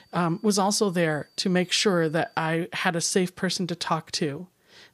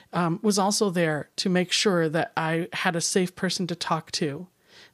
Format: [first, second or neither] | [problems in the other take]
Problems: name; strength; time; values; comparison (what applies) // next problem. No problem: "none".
second | high-pitched whine; faint; until 2.5 s; 4.5 kHz, 35 dB below the speech